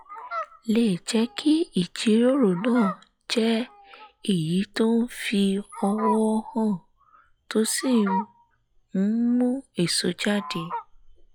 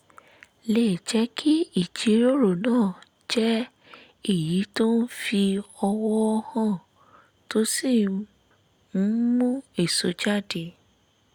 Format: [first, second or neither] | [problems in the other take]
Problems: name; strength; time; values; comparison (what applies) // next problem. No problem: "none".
second | noise reduction (classical method log-MMSE)